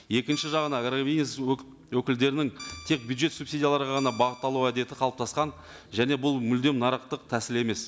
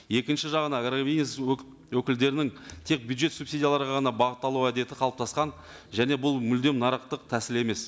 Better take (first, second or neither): second